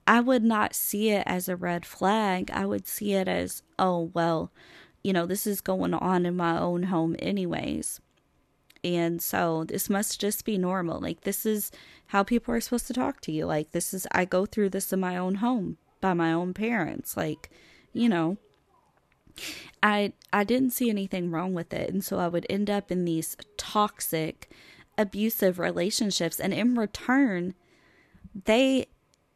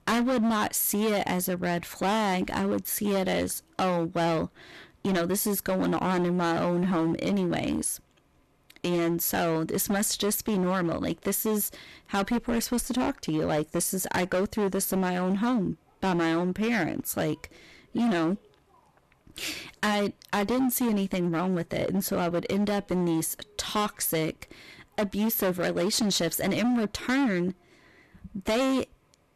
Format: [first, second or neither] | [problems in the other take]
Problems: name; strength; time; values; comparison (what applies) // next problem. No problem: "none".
first | distortion; heavy; 16% of the sound clipped